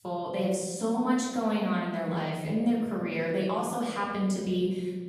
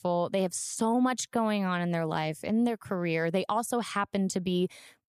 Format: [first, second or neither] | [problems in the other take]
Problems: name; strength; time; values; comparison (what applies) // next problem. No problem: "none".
second | off-mic speech; far // room echo; noticeable; dies away in 1.4 s